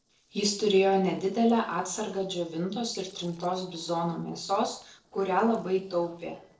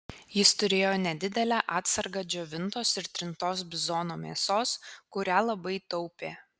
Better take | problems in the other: second | noise reduction (neural separator model SepFormer DNS4)

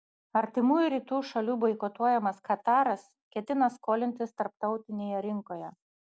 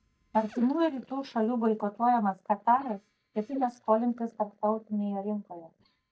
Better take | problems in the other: first | noise reduction (neural mask model DeepFilterNet 3)

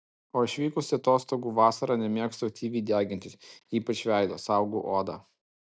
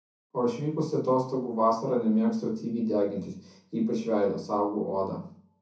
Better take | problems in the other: first | room echo; dies away in 0.6 s

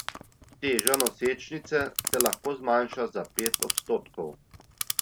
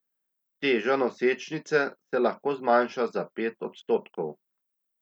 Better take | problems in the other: second | background sound (Clock); 3 dB below the speech

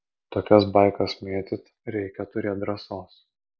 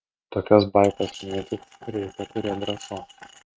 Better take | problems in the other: first | noise reduction (neural mask model RNNoise)

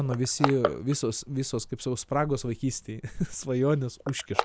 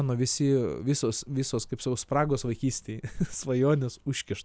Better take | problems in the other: second | background sound (Crushing); 7 dB below the speech

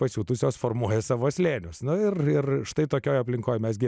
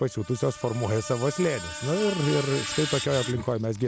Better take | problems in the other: first | background sound (Screech); 9 dB below the speech

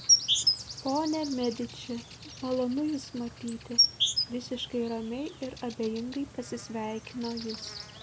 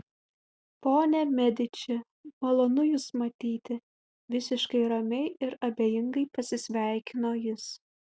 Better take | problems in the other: second | background sound (Insect); 1 dB above the speech

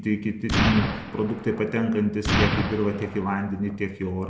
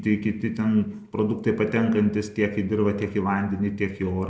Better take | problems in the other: second | background sound (Explosion); 2 dB below the speech

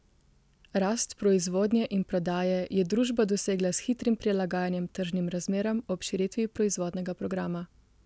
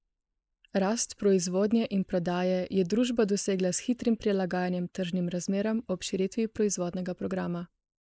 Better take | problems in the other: first | noise reduction (neural mask model Resemble Enhance denoiser)

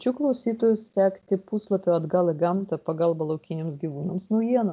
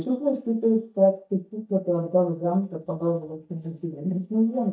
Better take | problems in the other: first | noise reduction (neural mask model DeepFilterNet 3)

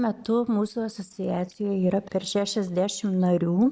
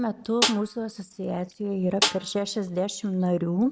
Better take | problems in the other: first | background sound (Snare drum); 4 dB below the speech

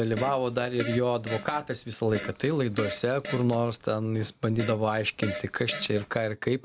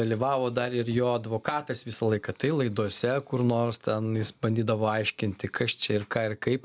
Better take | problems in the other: second | background sound (Fart); 11 dB below the speech

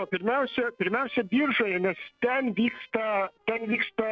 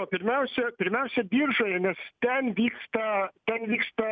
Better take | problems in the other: second | noise reduction (neural separator model SepFormer DNS4)

